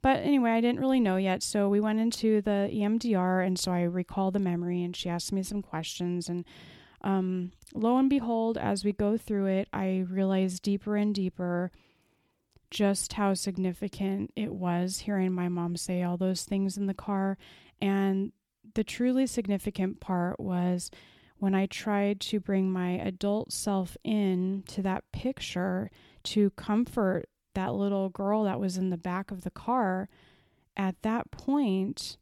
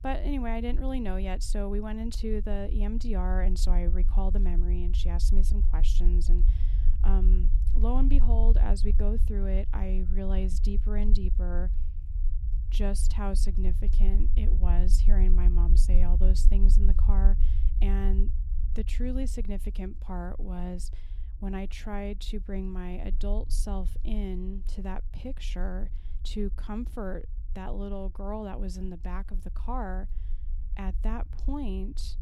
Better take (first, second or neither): first